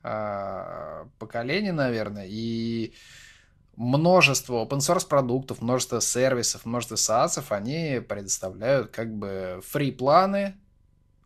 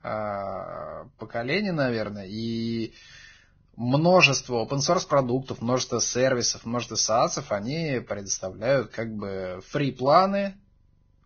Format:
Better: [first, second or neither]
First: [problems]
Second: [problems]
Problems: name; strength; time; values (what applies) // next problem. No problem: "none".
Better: first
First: garbled, watery; slightly; nothing above 13 kHz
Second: garbled, watery; badly; nothing above 6.5 kHz